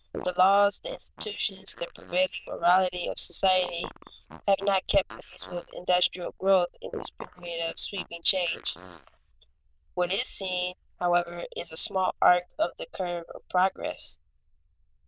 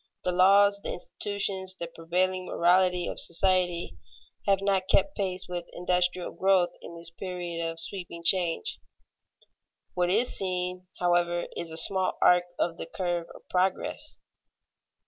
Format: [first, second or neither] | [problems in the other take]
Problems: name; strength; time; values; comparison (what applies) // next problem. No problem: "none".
second | noise reduction (neural diffusion model UNIVERSE++)